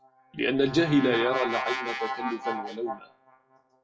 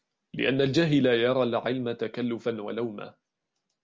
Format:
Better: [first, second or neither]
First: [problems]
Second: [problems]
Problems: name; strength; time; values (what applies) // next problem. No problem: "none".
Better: second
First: noise reduction (classical method WPE with log-MMSE)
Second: none